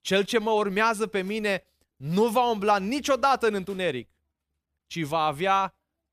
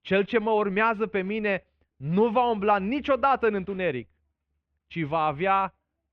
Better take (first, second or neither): first